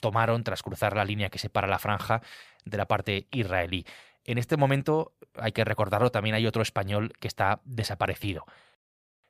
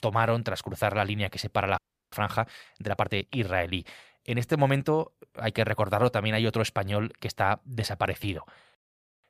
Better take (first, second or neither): first